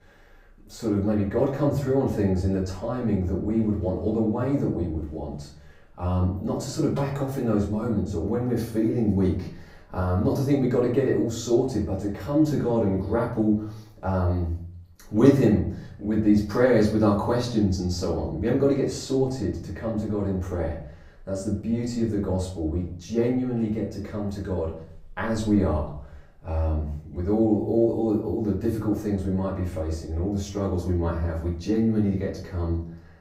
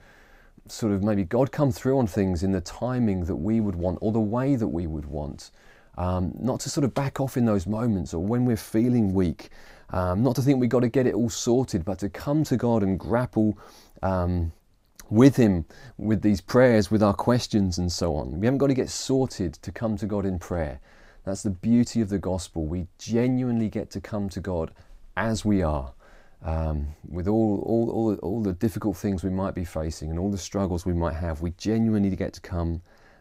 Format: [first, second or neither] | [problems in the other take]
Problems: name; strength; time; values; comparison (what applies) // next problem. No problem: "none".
second | off-mic speech; far // room echo; slight; dies away in 0.5 s